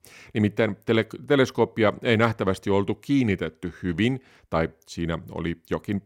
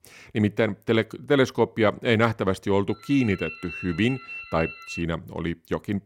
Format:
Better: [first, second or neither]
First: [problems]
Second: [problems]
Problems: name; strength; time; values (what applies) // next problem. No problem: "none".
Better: first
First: none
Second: phone ringing; noticeable; from 3 to 5 s; peak 9 dB below the speech